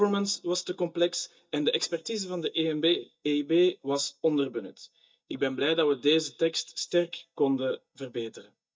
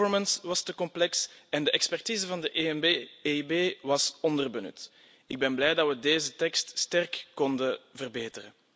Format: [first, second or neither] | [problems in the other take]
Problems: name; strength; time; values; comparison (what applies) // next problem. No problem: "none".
second | noise reduction (neural mask model DeepFilterNet 3)